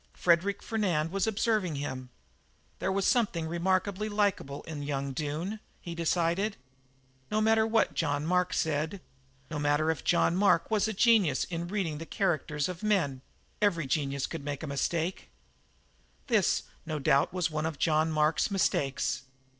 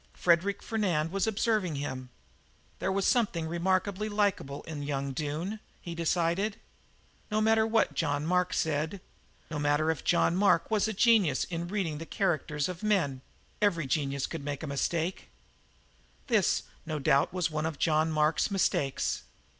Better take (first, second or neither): second